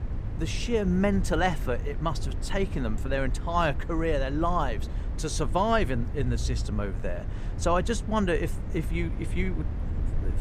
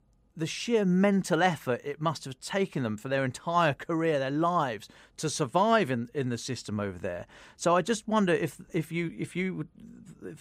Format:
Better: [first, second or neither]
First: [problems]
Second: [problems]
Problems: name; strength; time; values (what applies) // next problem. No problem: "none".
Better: second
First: low rumble; noticeable; throughout; 15 dB below the speech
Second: none